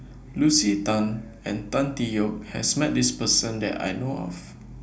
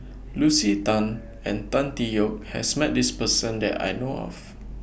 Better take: second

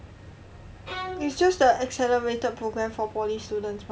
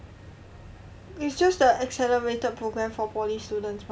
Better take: second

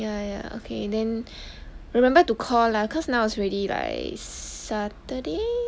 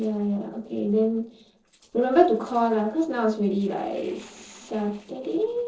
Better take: first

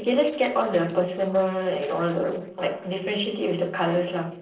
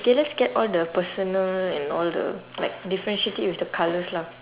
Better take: second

